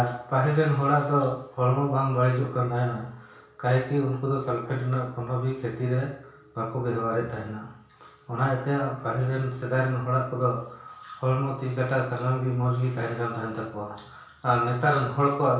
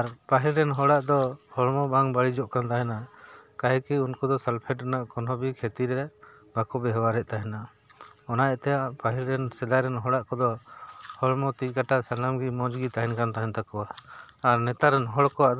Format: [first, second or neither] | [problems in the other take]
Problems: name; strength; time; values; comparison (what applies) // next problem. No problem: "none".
second | room echo; dies away in 0.6 s